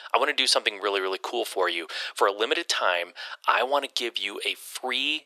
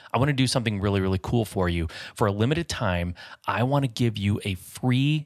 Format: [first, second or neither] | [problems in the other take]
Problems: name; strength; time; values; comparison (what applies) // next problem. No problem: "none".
second | thin; very; fading below 350 Hz